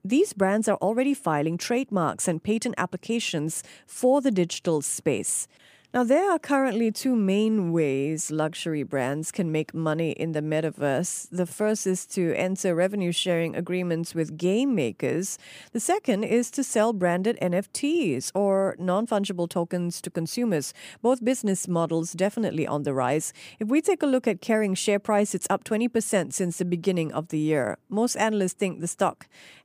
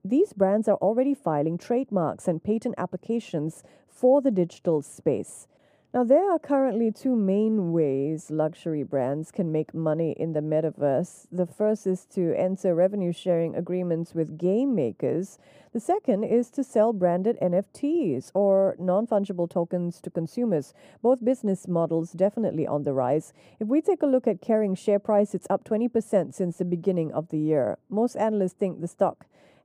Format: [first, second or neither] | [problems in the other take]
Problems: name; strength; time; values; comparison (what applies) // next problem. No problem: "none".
first | muffled; very; fading above 1.5 kHz